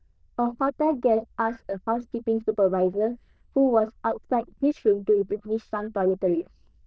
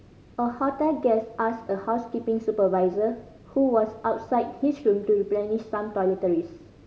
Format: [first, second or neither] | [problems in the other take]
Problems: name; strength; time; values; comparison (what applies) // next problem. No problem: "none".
second | noise reduction (neural diffusion model UNIVERSE++)